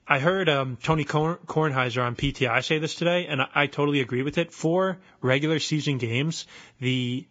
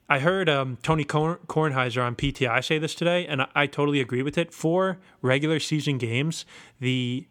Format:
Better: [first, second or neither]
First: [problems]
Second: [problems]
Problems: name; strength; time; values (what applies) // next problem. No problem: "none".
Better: second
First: garbled, watery; badly; nothing above 7.5 kHz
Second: none